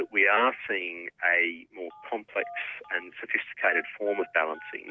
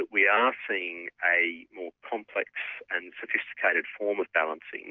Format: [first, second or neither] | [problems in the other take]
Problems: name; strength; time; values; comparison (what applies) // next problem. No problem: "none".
second | background sound (Telephone); 19 dB below the speech